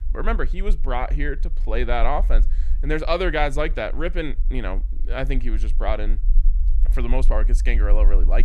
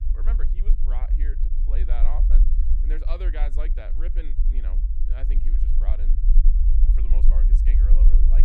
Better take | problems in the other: first | low rumble; loud; throughout; 4 dB below the speech; faint in the first

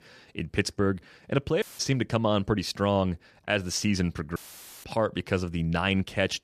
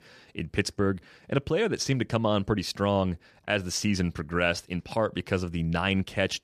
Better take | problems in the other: second | audio cutting out; filled with static; at 1.5 s and at 4.5 s

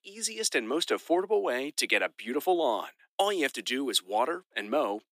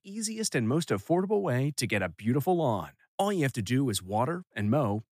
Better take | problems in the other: second | thin; somewhat; fading below 300 Hz

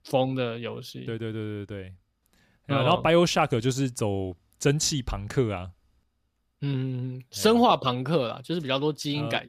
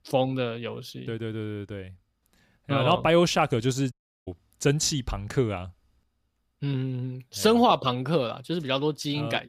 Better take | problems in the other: first | audio cutting out; at 4 s

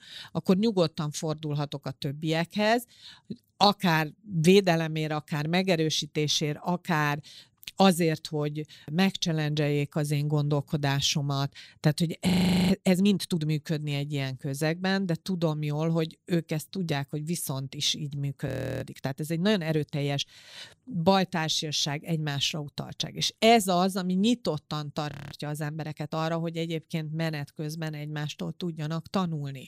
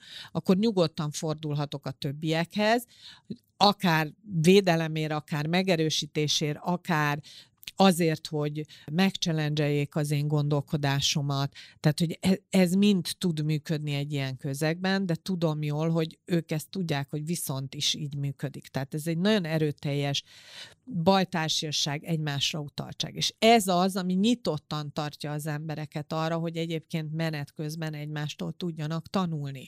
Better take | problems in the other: second | audio freezing; at 12 s, at 18 s and at 25 s

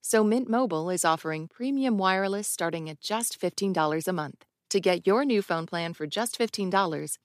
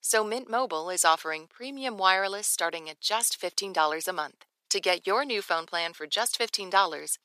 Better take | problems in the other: first | thin; very; fading below 700 Hz

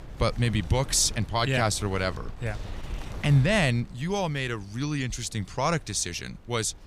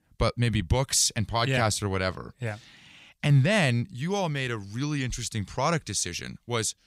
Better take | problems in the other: second | wind noise on the microphone; occasional gusts; 20 dB below the speech

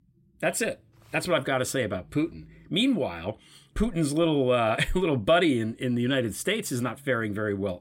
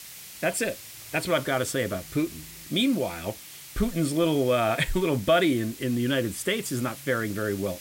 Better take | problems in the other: first | hiss; noticeable; throughout; 15 dB below the speech

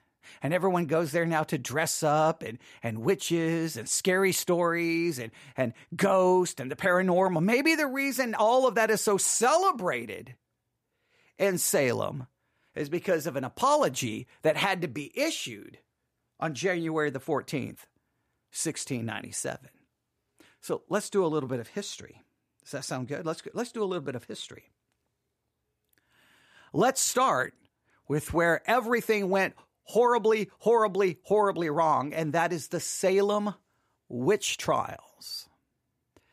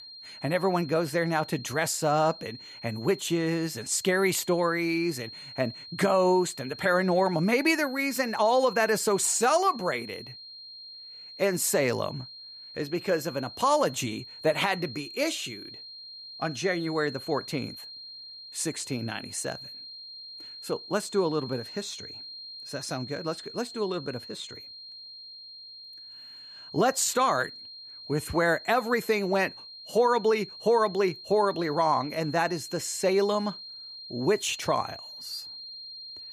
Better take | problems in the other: first | high-pitched whine; noticeable; throughout; 4 kHz, 15 dB below the speech

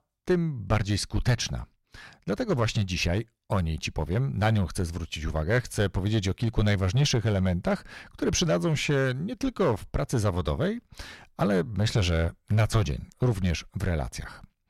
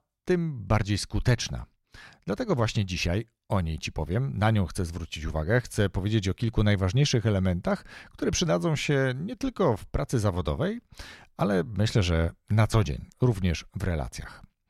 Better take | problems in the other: second | distortion; slight; 4% of the sound clipped

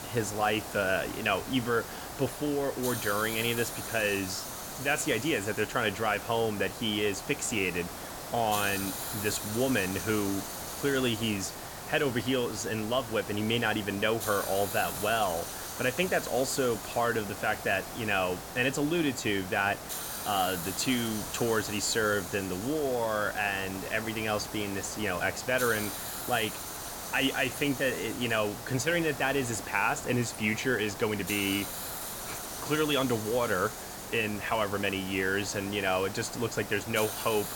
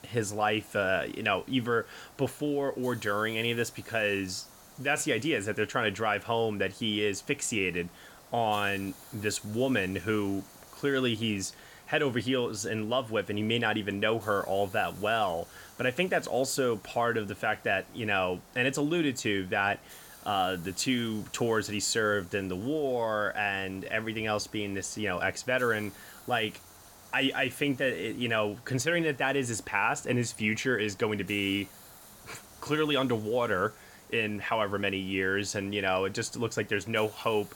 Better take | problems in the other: second | hiss; loud; throughout; 8 dB below the speech; faint in the second

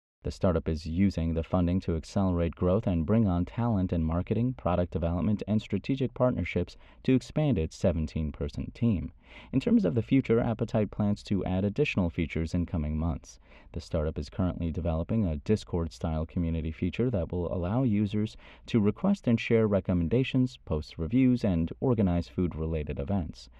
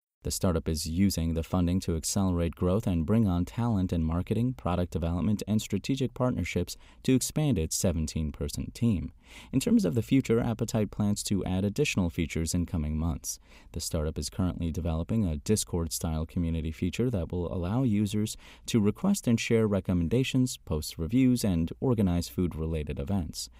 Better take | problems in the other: second | muffled; very; fading above 2.5 kHz

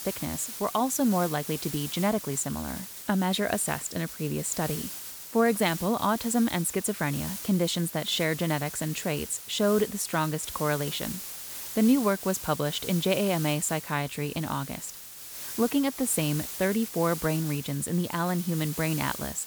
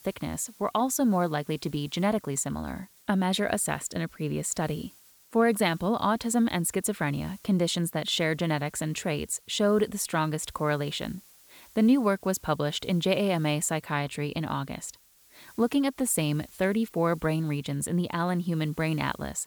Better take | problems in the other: second | hiss; loud; throughout; 8 dB below the speech; faint in the second

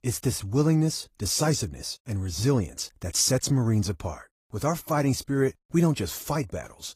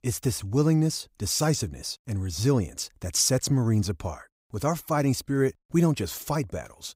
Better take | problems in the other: second | garbled, watery; slightly; nothing above 14.5 kHz

